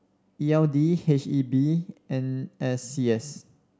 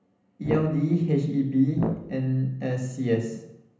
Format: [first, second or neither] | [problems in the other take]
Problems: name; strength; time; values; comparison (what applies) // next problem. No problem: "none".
first | background sound (Brass instrument); 7 dB below the speech // room echo; dies away in 0.8 s